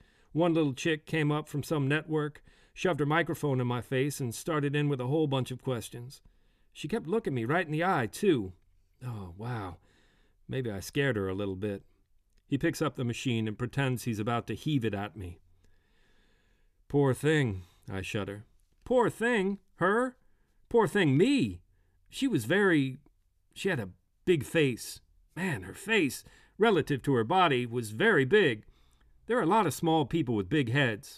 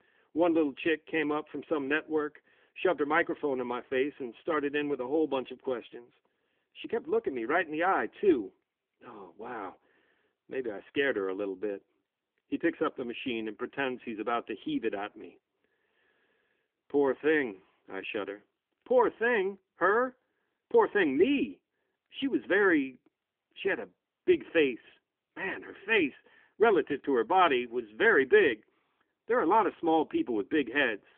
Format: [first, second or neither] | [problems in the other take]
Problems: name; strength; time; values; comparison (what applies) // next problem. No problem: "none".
first | phone-call audio; nothing above 3.5 kHz